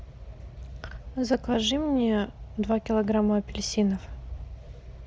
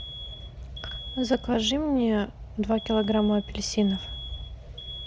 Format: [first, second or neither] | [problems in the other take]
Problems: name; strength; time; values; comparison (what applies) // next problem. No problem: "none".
first | background sound (Alarm); 15 dB below the speech